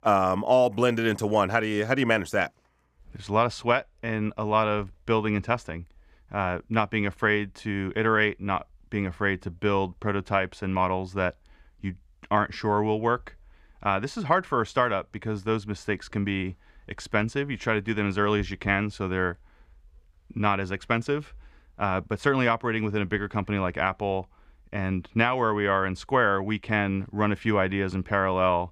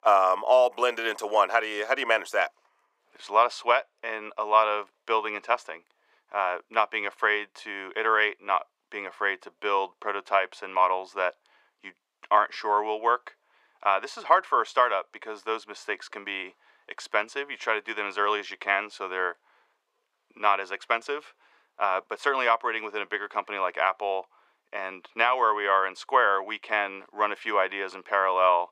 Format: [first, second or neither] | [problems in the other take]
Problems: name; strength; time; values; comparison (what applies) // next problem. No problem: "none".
first | thin; very; fading below 400 Hz